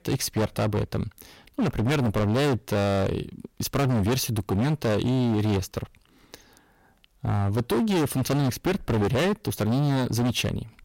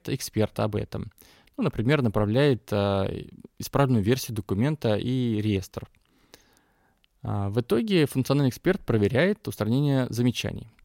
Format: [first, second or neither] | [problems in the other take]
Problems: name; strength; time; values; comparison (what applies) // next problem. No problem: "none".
second | distortion; heavy; 22% of the sound clipped